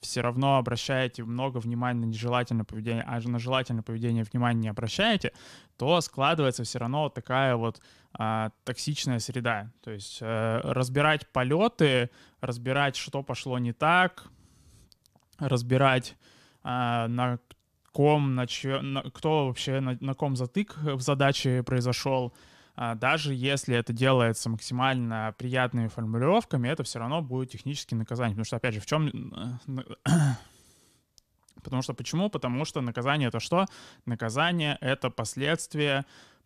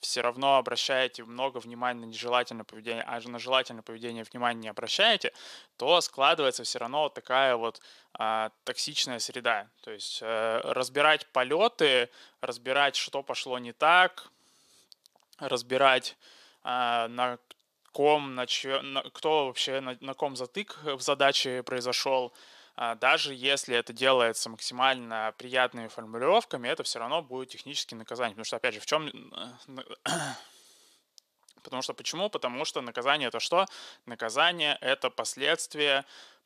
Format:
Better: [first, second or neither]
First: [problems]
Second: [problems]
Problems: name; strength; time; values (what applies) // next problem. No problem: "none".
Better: first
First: none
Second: thin; very; fading below 500 Hz